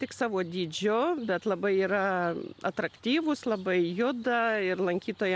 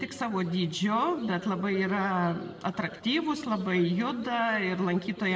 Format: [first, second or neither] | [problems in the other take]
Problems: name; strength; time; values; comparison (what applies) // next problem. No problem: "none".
first | room echo; dies away in 1.3 s